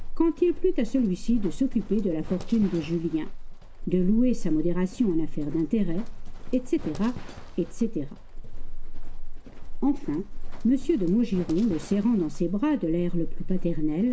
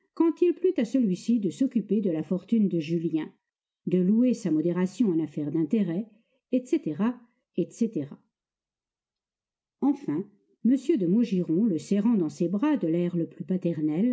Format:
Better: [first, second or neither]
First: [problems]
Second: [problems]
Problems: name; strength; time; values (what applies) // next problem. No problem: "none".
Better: second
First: background sound (Livestock, farm animals, working animals); 3 dB below the speech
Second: none